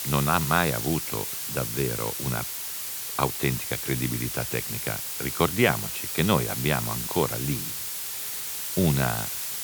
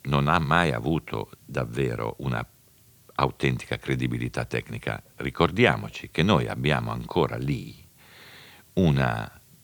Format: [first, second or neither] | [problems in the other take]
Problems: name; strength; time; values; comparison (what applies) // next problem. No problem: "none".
second | hiss; loud; throughout; 2 dB below the speech; faint in the second